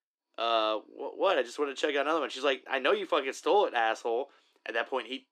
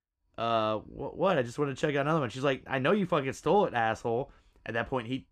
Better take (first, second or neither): second